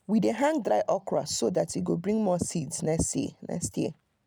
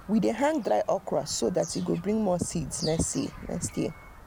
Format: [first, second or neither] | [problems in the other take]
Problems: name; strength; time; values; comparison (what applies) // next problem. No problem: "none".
first | background sound (Bird vocalization, bird call, bird song); 16 dB below the speech